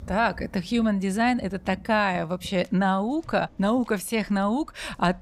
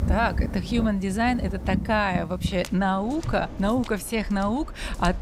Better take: first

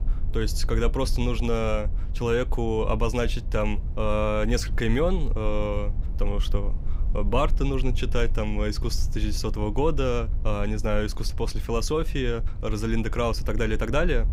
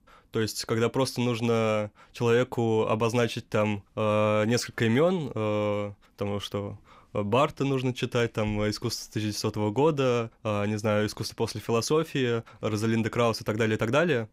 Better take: second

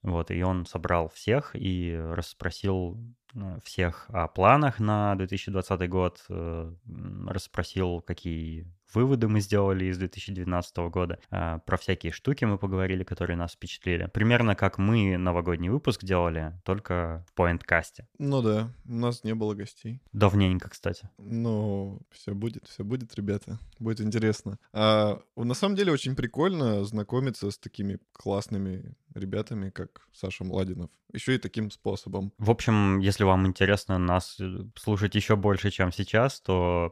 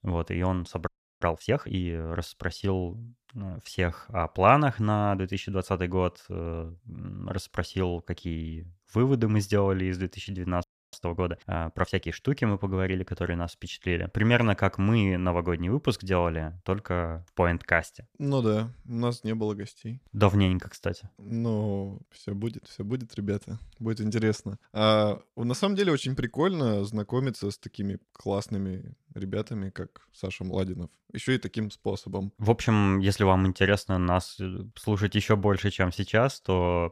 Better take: first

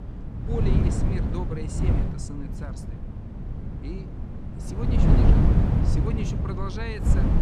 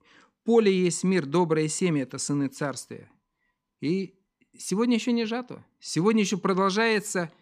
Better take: second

